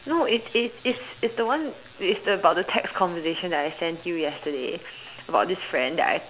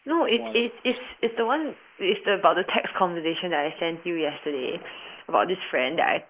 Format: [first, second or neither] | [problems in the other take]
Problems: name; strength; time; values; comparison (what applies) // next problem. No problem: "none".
first | noise reduction (neural mask model Resemble Enhance denoiser)